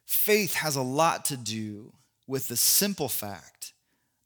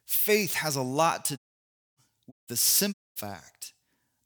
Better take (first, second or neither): first